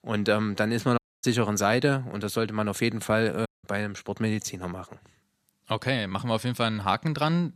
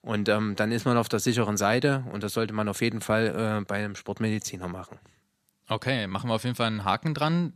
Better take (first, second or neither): second